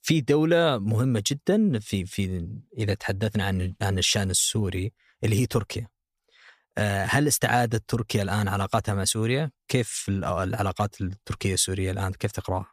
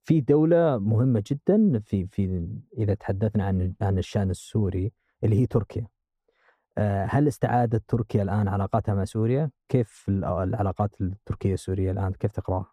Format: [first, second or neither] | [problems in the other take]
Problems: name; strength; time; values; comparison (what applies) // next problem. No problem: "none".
first | muffled; very; fading above 1.5 kHz